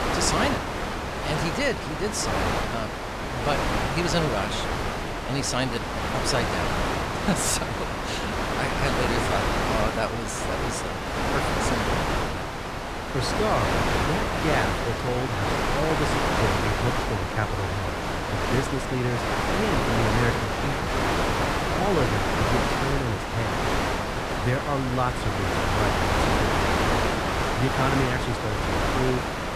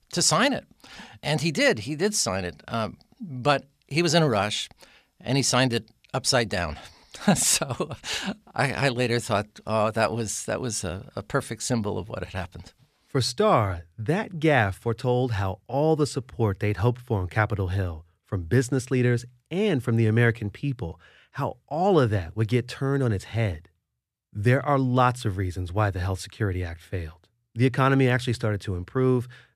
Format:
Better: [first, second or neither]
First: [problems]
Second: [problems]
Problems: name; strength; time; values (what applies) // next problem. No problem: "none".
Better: second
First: wind noise on the microphone; heavy; 5 dB above the speech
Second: none